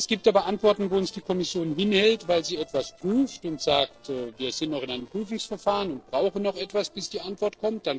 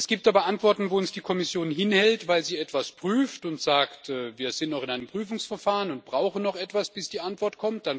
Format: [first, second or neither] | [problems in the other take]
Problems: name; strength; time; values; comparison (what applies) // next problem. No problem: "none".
second | noise reduction (neural separator model SepFormer DNS4)